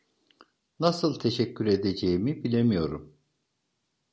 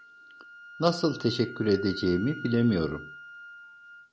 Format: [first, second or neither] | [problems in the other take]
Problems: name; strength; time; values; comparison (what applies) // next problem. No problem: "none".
first | background sound (Wind instrument, woodwind instrument); 15 dB below the speech